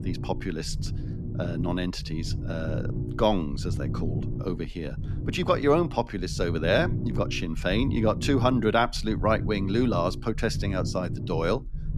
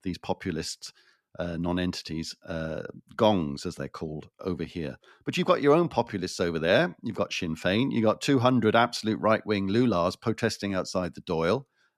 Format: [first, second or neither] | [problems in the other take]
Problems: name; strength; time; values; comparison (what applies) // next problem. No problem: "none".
second | low rumble; noticeable; throughout; 15 dB below the speech